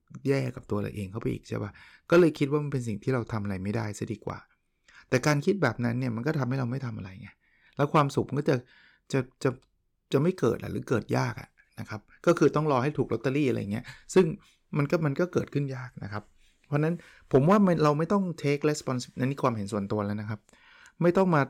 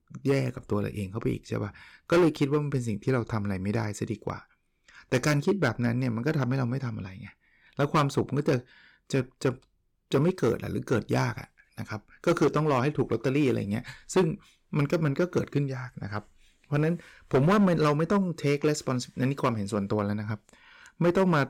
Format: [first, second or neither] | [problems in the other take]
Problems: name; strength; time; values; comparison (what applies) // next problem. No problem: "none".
first | distortion; slight; 4% of the sound clipped